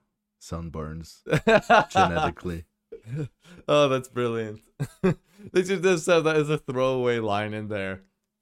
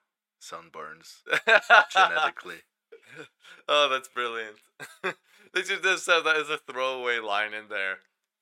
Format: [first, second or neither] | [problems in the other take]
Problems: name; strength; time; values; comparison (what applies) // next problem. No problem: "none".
first | thin; very; fading below 650 Hz